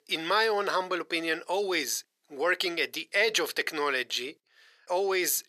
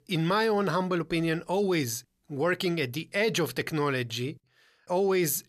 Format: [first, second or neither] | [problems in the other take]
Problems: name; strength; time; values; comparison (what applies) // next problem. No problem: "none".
second | thin; very; fading below 400 Hz